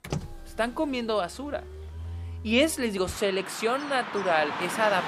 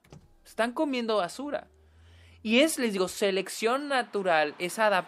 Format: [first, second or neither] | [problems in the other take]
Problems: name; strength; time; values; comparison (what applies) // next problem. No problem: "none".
second | traffic noise; loud; throughout; 9 dB below the speech; faint in the second